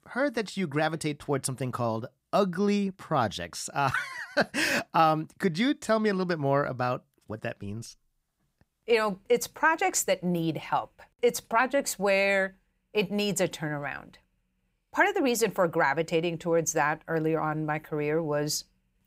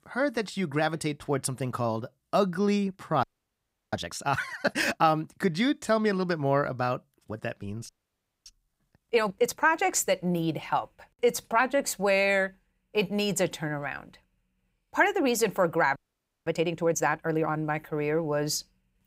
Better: first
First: none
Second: audio freezing; at 3 s for 0.5 s, at 8 s for 0.5 s and at 16 s for 0.5 s

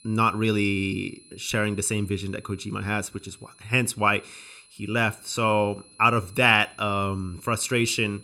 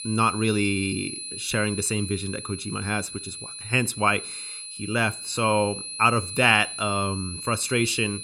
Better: first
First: high-pitched whine; faint; throughout; 4 kHz, 25 dB below the speech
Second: high-pitched whine; loud; throughout; 4 kHz, 9 dB below the speech

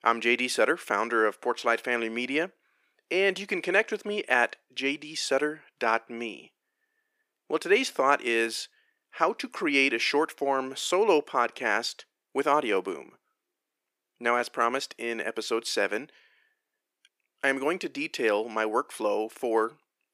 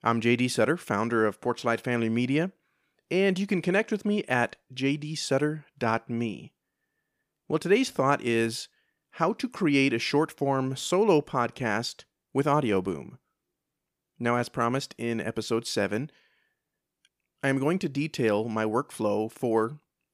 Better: second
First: thin; somewhat; fading below 350 Hz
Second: none

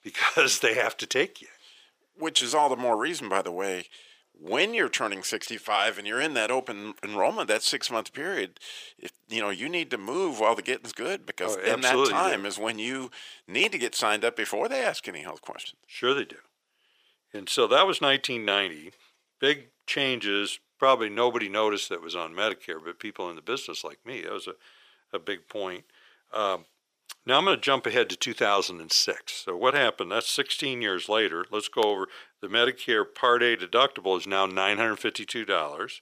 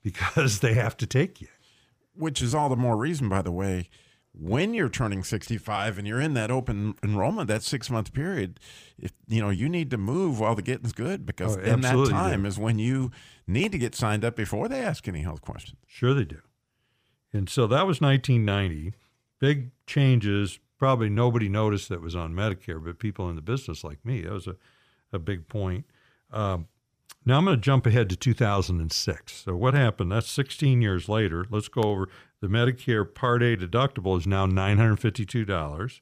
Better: second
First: thin; very; fading below 400 Hz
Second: none

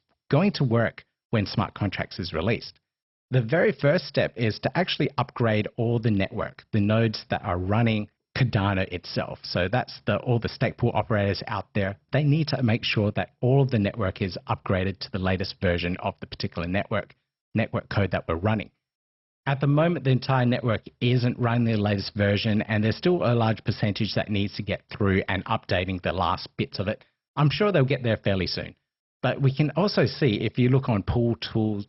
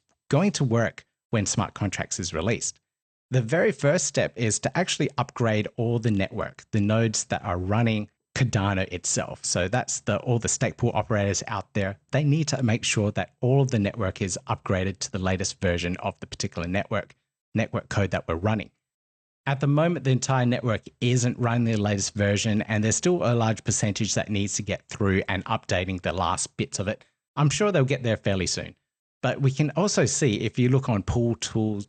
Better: second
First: garbled, watery; badly; nothing above 5.5 kHz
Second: garbled, watery; slightly; nothing above 8.5 kHz

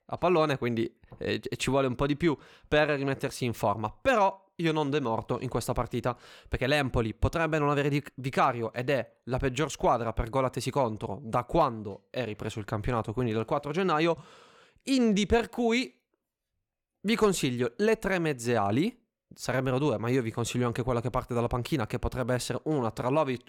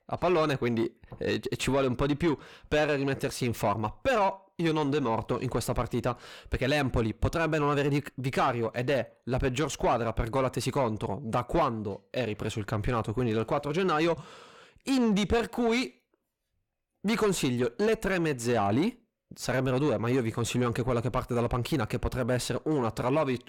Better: first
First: none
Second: distortion; slight; 10 dB below the speech

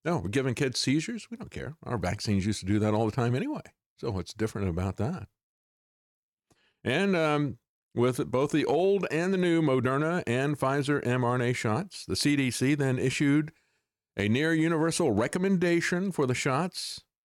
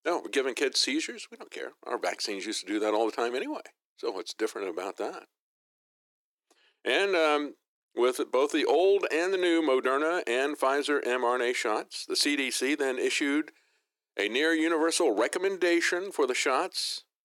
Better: first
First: none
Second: thin; somewhat; fading below 300 Hz

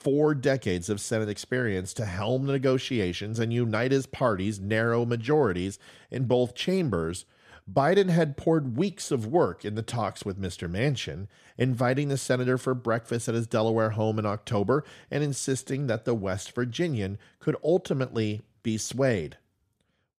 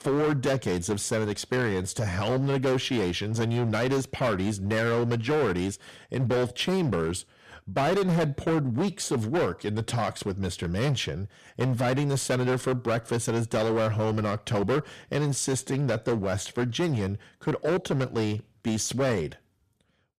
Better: first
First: none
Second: distortion; heavy; 16% of the sound clipped

